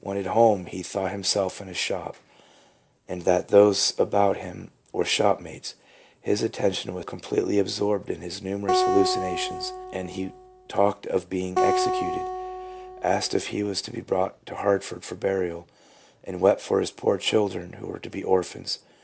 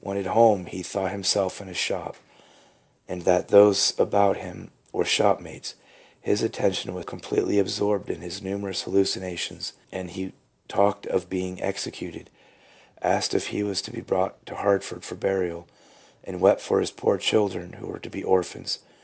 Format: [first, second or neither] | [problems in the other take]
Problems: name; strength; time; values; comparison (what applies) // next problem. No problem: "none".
second | background sound (Acoustic guitar); 3 dB below the speech